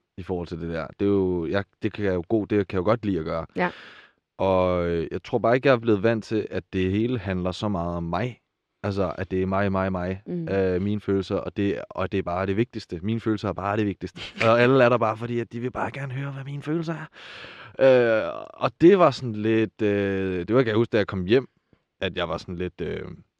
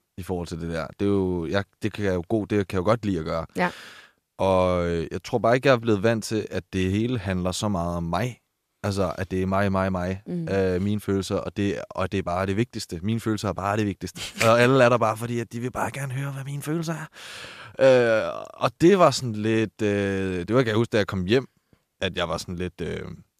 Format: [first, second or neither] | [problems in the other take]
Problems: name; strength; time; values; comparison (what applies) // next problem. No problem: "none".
second | muffled; very slightly; fading above 3 kHz